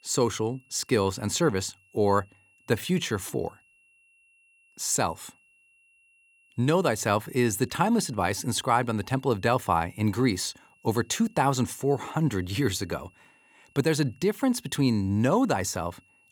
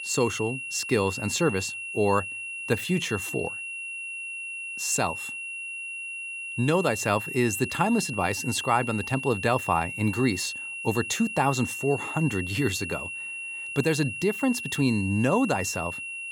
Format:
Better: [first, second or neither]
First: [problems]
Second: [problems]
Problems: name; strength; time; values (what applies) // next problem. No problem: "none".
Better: first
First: high-pitched whine; faint; throughout; 2.5 kHz, 35 dB below the speech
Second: high-pitched whine; loud; throughout; 2.5 kHz, 6 dB below the speech